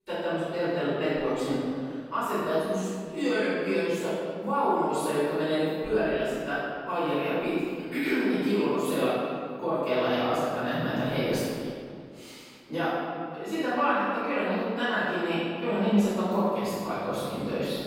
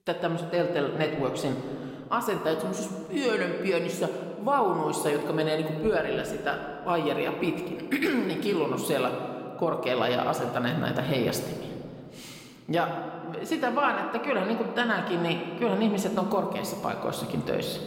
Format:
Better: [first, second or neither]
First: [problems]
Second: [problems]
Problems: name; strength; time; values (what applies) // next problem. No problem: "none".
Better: second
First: room echo; strong; dies away in 1.9 s // off-mic speech; far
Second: room echo; slight; dies away in 2 s